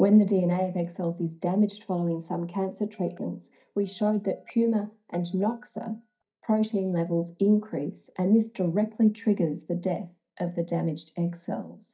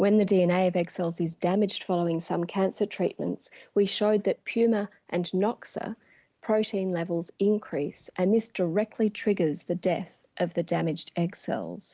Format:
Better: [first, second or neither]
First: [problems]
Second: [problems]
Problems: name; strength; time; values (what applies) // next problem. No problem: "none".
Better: second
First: noise reduction (neural mask model DeepFilterNet 3)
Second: none